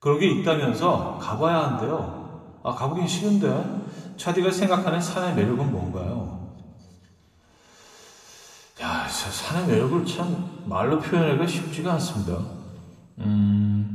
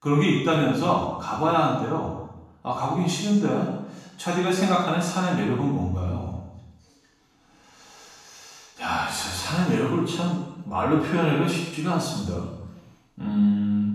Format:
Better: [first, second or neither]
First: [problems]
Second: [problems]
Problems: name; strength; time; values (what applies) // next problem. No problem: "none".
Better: first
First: room echo; slight; dies away in 1.7 s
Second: room echo; strong; dies away in 0.9 s // off-mic speech; far